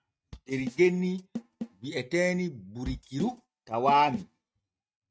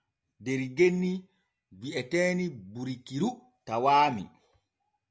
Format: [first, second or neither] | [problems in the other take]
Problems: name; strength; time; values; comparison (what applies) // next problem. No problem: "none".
second | noise reduction (neural mask model RNNoise)